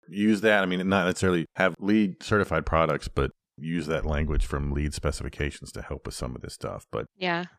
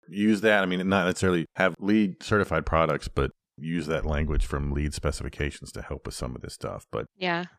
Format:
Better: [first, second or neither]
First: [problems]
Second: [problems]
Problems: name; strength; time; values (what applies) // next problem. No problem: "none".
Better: neither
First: none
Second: none